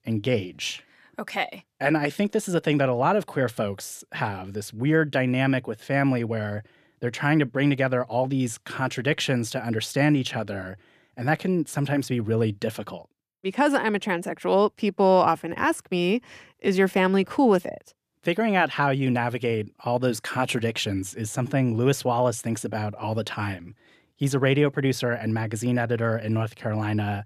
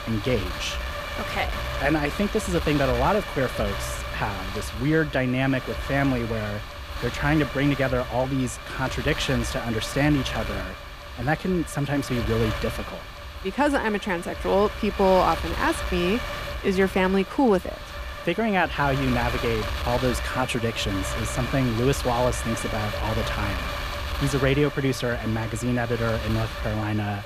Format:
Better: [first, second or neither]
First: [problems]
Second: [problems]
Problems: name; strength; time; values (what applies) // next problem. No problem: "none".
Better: first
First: none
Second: wind noise on the microphone; heavy; 6 dB below the speech